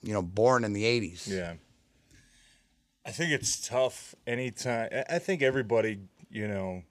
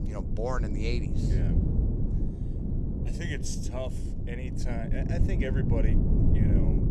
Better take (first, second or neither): first